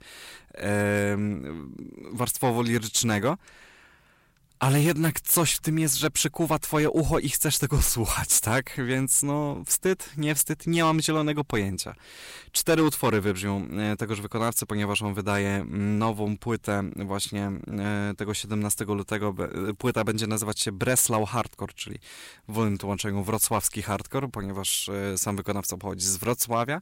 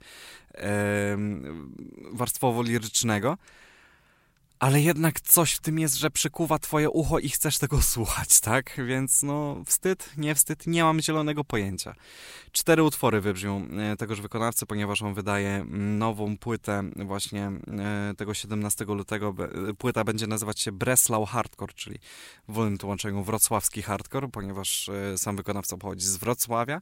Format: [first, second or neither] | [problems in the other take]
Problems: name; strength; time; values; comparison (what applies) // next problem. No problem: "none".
second | distortion; slight; 3% of the sound clipped